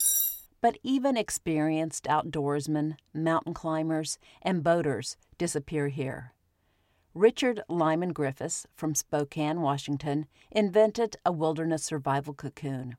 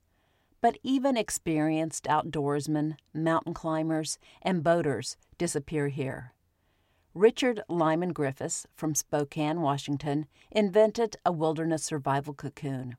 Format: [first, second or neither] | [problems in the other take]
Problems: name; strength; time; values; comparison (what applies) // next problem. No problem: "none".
second | clattering dishes; loud; at the start; peak 6 dB above the speech